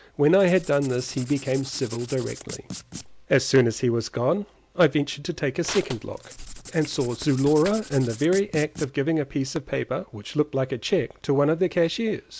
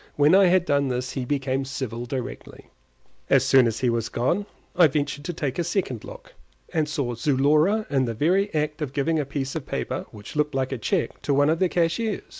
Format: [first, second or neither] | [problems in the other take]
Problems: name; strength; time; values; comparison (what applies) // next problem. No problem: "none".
second | background sound (Crushing + Writing); 15 dB below the speech